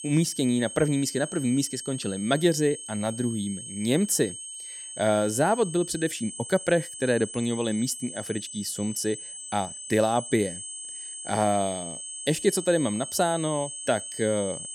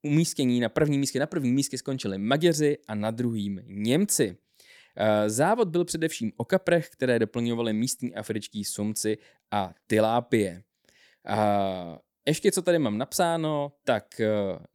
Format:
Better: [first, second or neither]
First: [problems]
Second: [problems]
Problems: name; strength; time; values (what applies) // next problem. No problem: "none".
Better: second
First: high-pitched whine; loud; throughout; 8 kHz, 9 dB below the speech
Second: none